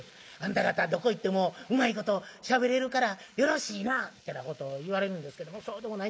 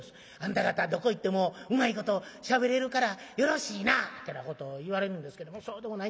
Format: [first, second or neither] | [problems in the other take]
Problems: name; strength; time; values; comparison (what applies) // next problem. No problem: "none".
second | noise reduction (neural mask model Resemble Enhance denoiser)